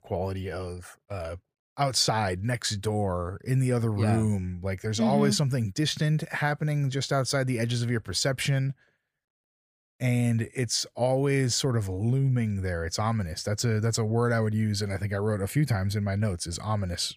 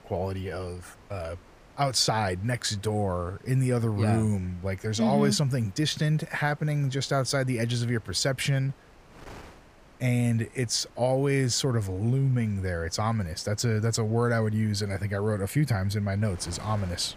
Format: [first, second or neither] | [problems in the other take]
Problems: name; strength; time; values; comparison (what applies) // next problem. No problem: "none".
first | wind noise on the microphone; occasional gusts; 25 dB below the speech